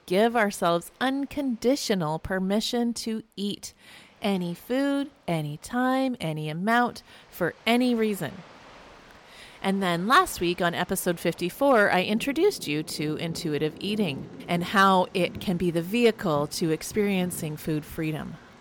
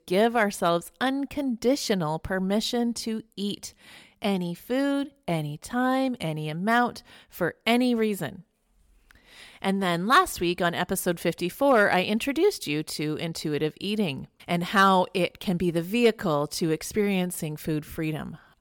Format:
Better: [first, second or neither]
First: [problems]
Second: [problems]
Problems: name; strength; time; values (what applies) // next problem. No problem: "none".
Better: second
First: rain or running water; faint; throughout; 20 dB below the speech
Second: none